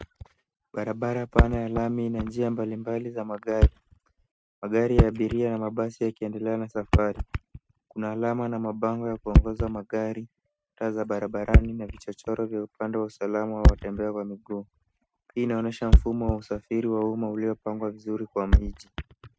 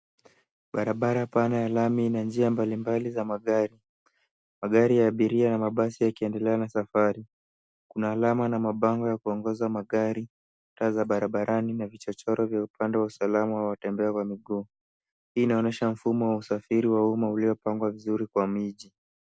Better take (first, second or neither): second